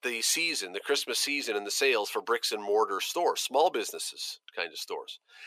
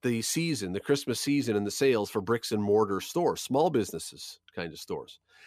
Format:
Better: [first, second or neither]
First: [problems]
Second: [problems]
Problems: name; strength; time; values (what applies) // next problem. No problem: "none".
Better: second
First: thin; very; fading below 500 Hz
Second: none